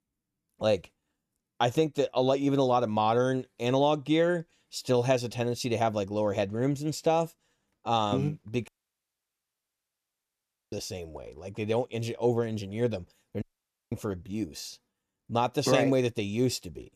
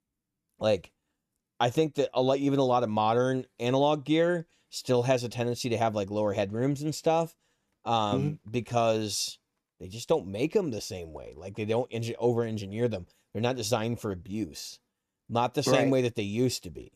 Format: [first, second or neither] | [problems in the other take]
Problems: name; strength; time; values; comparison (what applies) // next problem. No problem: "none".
second | audio cutting out; at 8.5 s for 2 s and at 13 s for 0.5 s